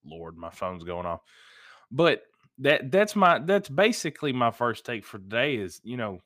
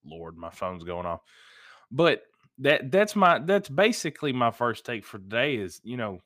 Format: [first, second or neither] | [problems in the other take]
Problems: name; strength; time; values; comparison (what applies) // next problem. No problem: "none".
neither | none